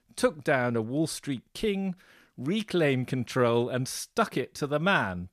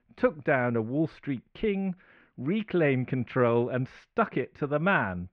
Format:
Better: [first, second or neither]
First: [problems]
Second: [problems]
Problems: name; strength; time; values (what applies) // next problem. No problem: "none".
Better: first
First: none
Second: muffled; very; fading above 2.5 kHz